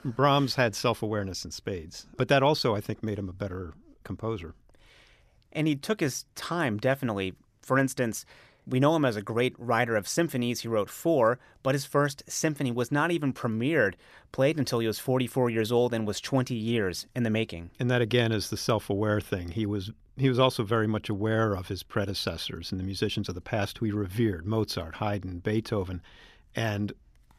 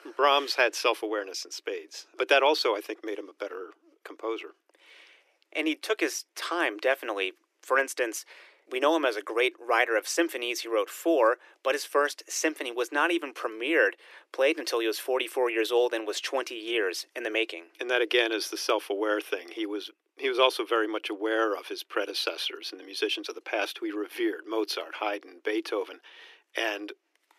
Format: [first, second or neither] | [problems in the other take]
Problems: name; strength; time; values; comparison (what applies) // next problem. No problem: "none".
first | thin; very; fading below 300 Hz